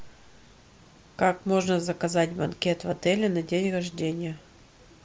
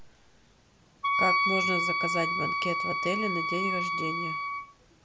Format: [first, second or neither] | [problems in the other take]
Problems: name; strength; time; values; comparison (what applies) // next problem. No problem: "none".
first | background sound (Wind instrument, woodwind instrument); 5 dB above the speech